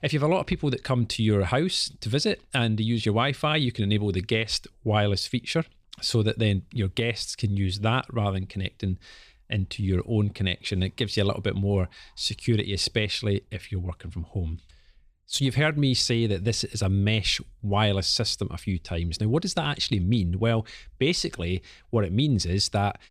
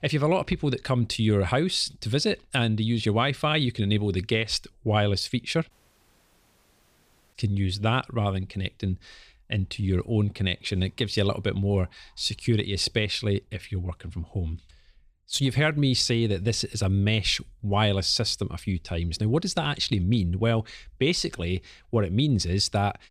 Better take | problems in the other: first | audio cutting out; at 5.5 s for 1.5 s

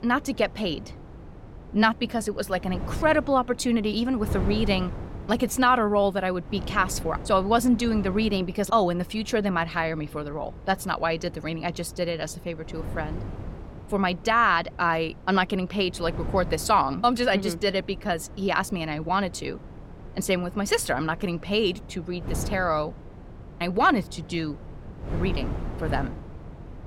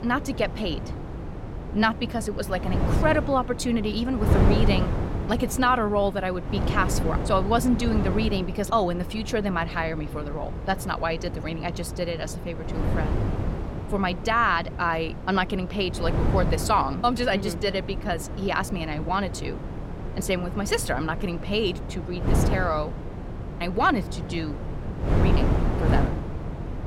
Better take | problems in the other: first | wind noise on the microphone; heavy; 9 dB below the speech; occasional gusts in the first

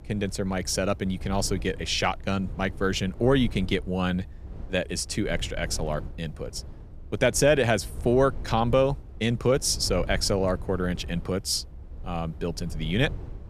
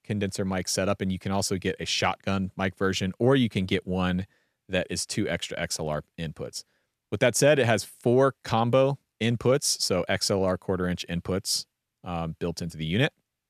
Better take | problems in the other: second | low rumble; faint; throughout; 25 dB below the speech

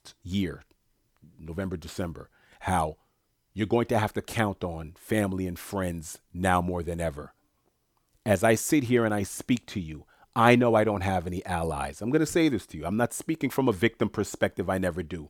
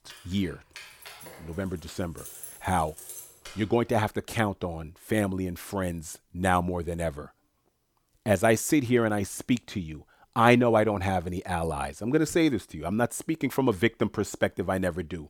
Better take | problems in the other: first | jangling keys; faint; until 4 s; peak 15 dB below the speech

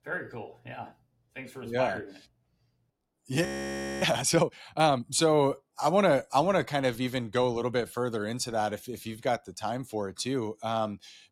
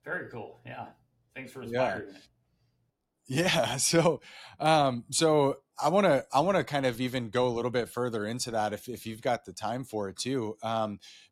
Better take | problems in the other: second | audio freezing; at 3.5 s for 0.5 s

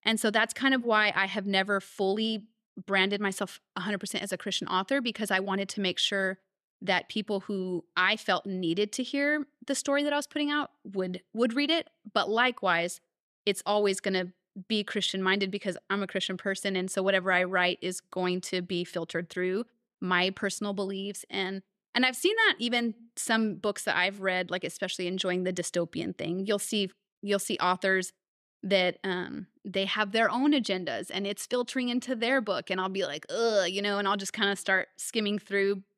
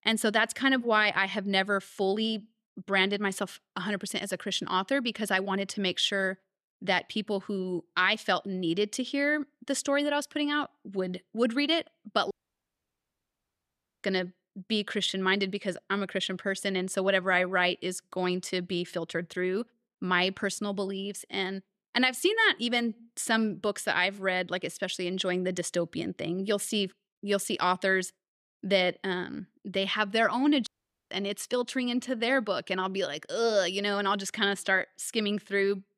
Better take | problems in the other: first | audio cutting out; at 12 s for 1.5 s and at 31 s

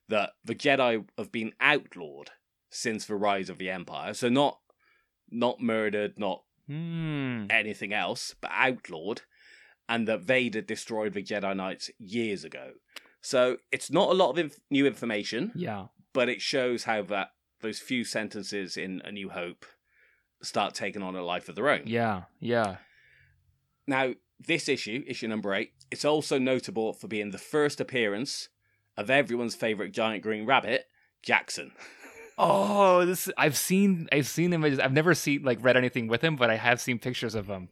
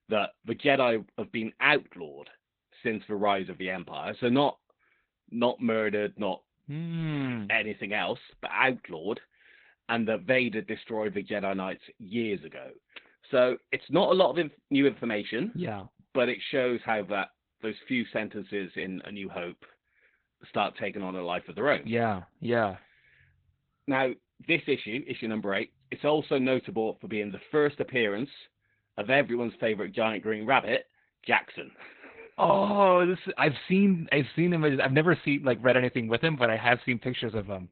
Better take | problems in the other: first | garbled, watery; badly; nothing above 4 kHz

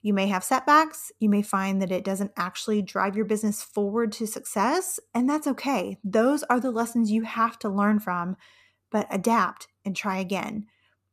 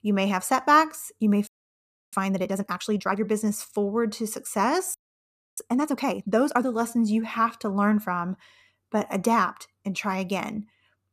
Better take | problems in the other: first | audio freezing; at 1.5 s for 0.5 s and at 5 s for 0.5 s

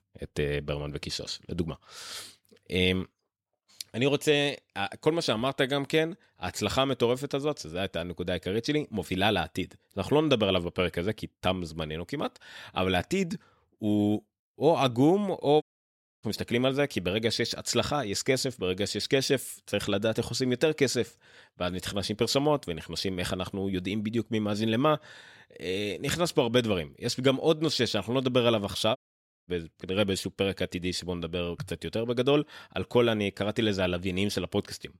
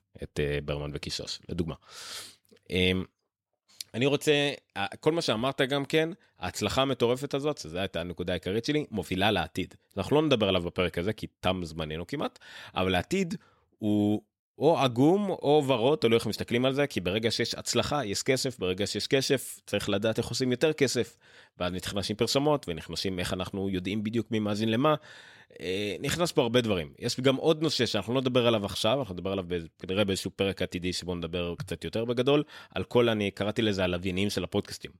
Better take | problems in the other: second | audio cutting out; at 16 s for 0.5 s and at 29 s for 0.5 s

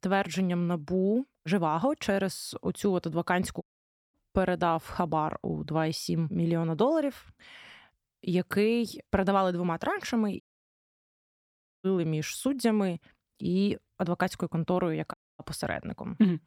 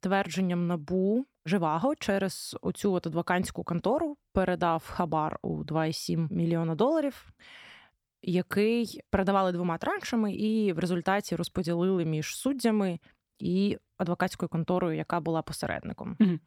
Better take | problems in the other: second | audio cutting out; at 3.5 s for 0.5 s, at 10 s for 1.5 s and at 15 s

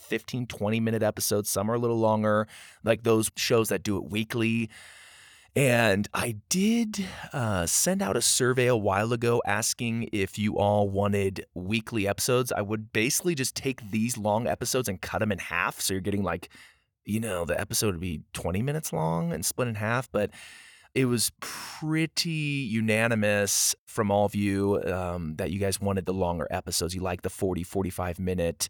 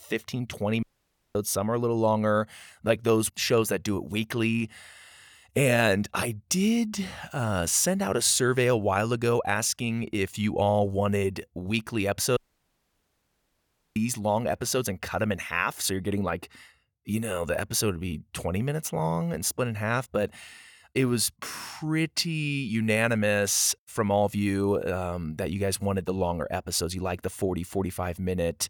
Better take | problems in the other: first | audio cutting out; at 1 s for 0.5 s and at 12 s for 1.5 s

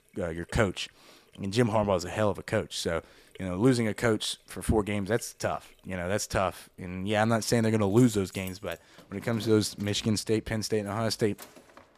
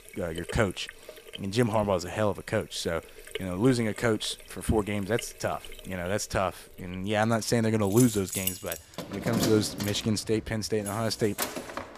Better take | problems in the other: first | household noises; loud; throughout; 9 dB below the speech; faint in the first

